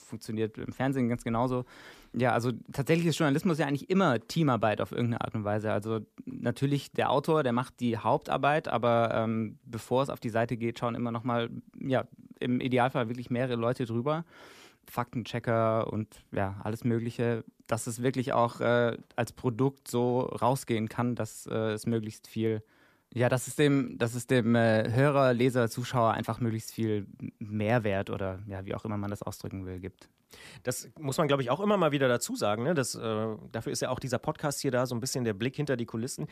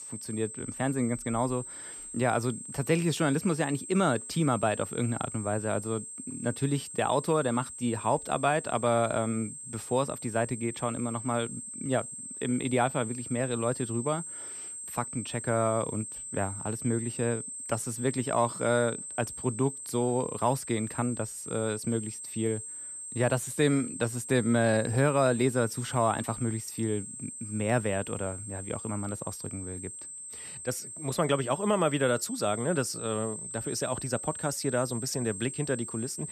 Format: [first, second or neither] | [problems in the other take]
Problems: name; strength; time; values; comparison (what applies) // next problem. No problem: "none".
first | high-pitched whine; loud; throughout; 8.5 kHz, 8 dB below the speech